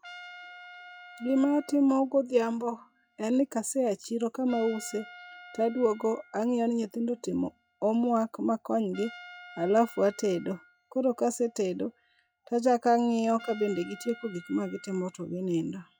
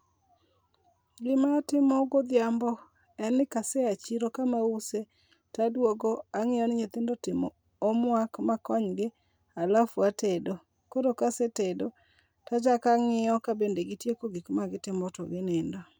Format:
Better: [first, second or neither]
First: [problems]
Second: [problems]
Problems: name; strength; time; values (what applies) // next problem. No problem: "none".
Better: second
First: noise reduction (classical method log-MMSE)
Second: none